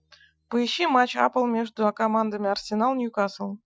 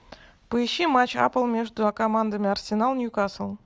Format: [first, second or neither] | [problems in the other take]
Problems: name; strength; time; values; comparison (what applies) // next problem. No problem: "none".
second | noise reduction (classical method Wiener filter)